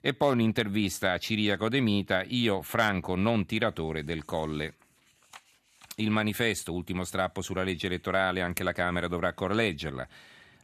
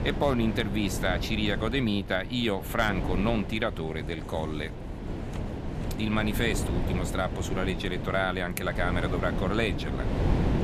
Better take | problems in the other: first | wind noise on the microphone; heavy; 9 dB below the speech

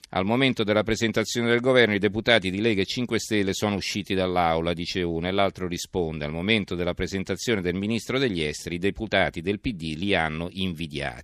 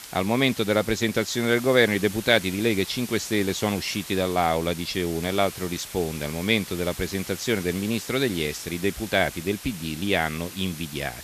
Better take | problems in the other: first | hiss; noticeable; throughout; 15 dB below the speech

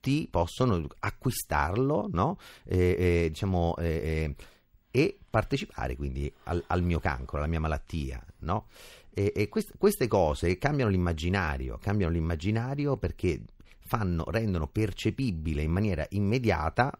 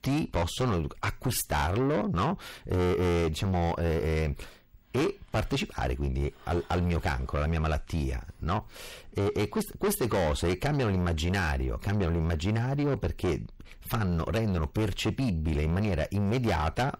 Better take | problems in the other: first | distortion; heavy; 6 dB below the speech

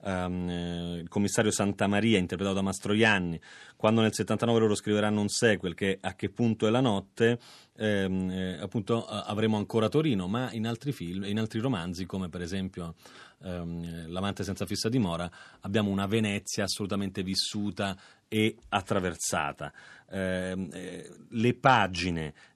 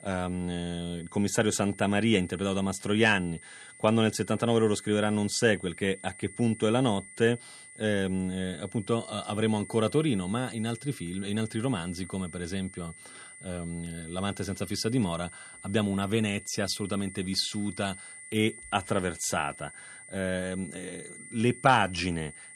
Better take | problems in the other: first | high-pitched whine; noticeable; throughout; 2 kHz, 15 dB below the speech

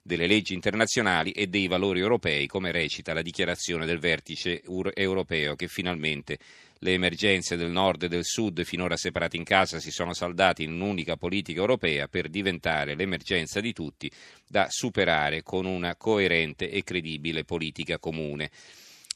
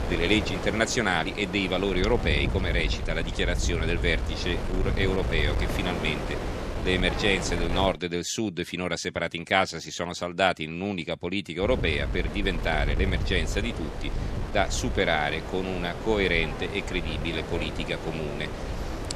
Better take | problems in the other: first | wind noise on the microphone; heavy; until 8 s and from 12 s on; 9 dB below the speech

